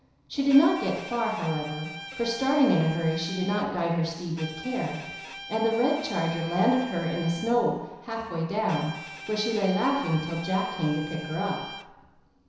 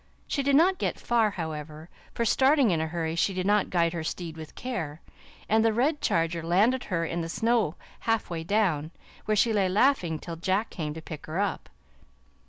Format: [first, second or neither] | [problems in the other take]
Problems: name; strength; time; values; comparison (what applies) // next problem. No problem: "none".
second | background sound (Bowed string instrument); 14 dB below the speech // room echo; dies away in 1 s